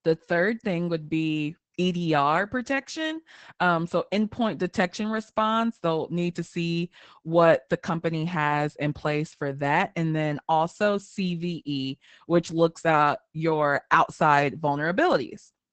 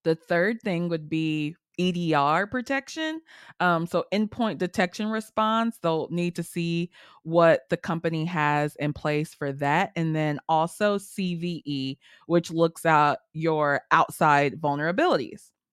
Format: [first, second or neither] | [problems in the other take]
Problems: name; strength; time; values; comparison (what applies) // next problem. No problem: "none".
second | garbled, watery; badly; nothing above 8 kHz